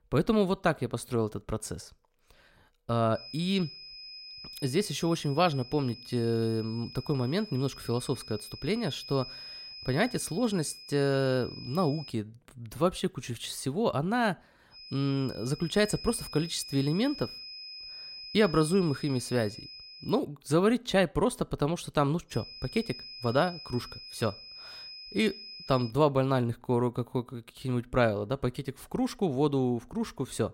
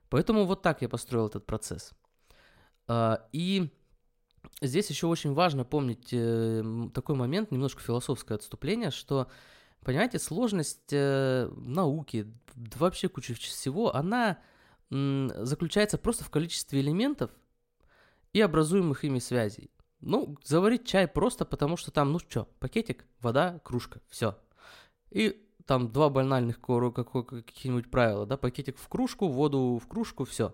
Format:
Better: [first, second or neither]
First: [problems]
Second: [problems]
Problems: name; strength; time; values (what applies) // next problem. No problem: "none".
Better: second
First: high-pitched whine; noticeable; from 3 to 12 s, from 15 to 20 s and from 22 to 26 s; 5 kHz, 15 dB below the speech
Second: none